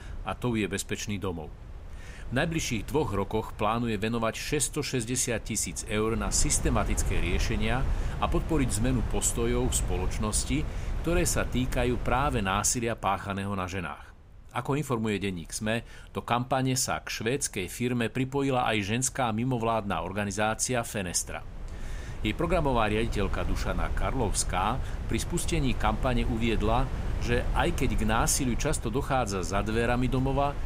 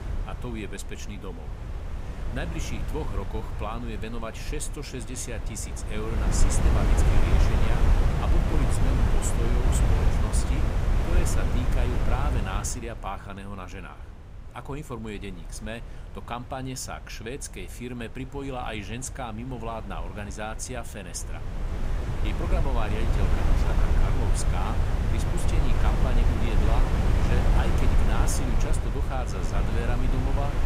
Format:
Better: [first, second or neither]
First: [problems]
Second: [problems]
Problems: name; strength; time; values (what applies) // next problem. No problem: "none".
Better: first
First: wind noise on the microphone; occasional gusts; 15 dB below the speech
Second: wind noise on the microphone; heavy; 1 dB above the speech